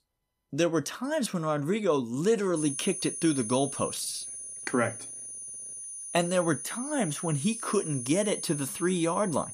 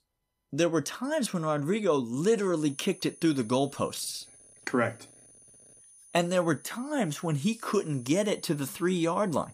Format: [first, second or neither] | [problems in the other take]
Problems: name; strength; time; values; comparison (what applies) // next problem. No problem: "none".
second | high-pitched whine; loud; from 2.5 s on; 9.5 kHz, 7 dB below the speech; faint in the second